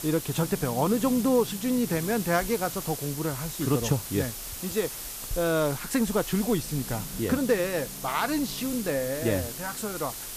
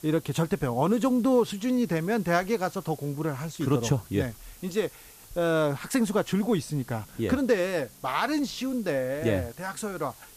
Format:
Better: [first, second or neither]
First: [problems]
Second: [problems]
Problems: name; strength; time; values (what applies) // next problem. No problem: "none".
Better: second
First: hiss; loud; throughout; 7 dB below the speech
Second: hiss; faint; throughout; 20 dB below the speech